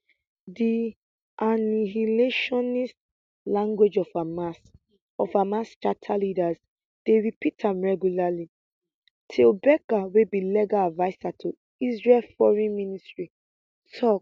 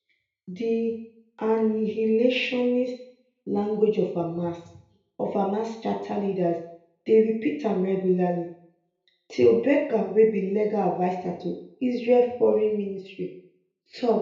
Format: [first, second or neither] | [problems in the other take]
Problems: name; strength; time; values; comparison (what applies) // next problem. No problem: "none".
first | room echo; dies away in 0.5 s